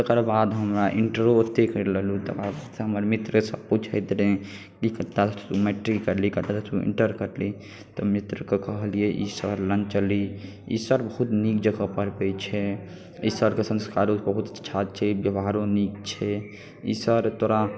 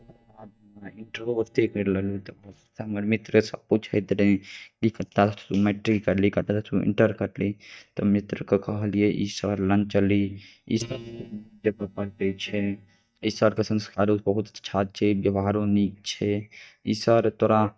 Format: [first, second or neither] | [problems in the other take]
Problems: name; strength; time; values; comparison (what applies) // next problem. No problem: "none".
first | noise reduction (neural mask model DeepFilterNet 3)